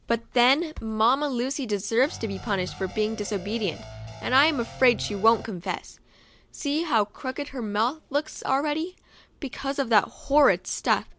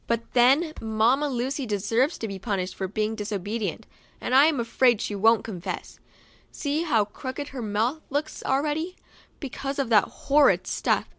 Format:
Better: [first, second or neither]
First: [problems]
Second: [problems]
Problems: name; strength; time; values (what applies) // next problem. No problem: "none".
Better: second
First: background sound (Guitar); 14 dB below the speech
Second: none